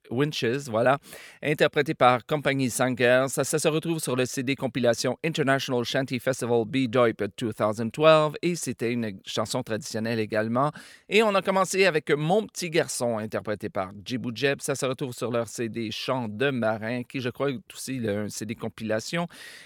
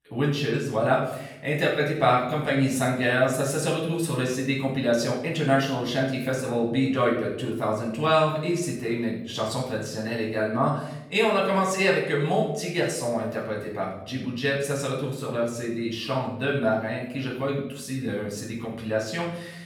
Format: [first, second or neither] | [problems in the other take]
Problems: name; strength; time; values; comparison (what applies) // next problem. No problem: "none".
first | off-mic speech; far // room echo; noticeable; dies away in 0.7 s